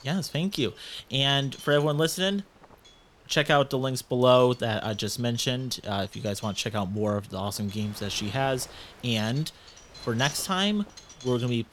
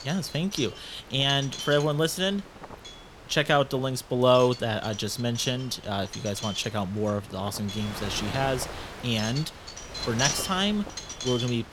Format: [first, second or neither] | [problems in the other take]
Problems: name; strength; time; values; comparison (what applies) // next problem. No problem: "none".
first | wind noise on the microphone; heavy; 9 dB below the speech; occasional gusts in the first